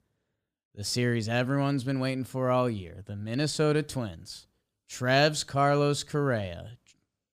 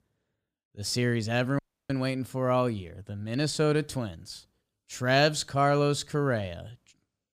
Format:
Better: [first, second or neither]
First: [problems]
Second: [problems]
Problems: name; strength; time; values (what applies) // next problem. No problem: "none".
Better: first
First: none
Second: audio cutting out; at 1.5 s